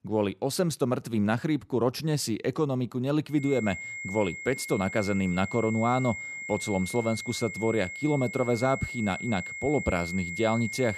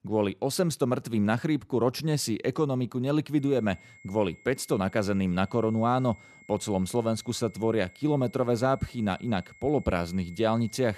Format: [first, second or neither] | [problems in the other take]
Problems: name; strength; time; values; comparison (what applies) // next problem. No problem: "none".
second | high-pitched whine; loud; from 3.5 s on; 2 kHz, 8 dB below the speech; faint in the second